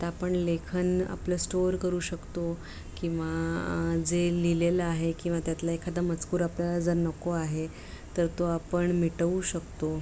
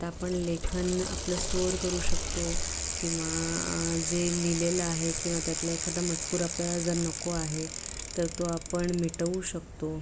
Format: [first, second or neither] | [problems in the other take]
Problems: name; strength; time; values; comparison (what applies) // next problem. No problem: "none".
first | background sound (Bicycle); 2 dB below the speech